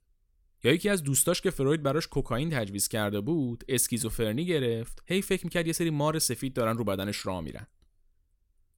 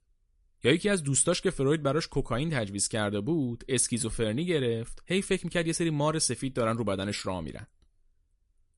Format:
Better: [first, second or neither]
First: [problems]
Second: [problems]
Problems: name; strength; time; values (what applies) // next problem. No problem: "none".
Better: first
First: none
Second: garbled, watery; slightly; nothing above 10.5 kHz